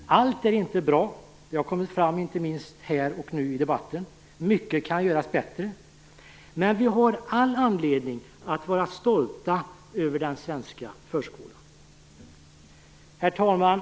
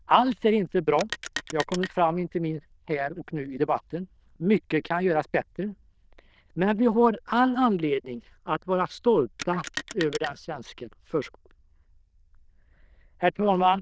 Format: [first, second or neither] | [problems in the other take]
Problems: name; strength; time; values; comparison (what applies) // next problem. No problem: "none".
first | noise reduction (neural diffusion model UNIVERSE++)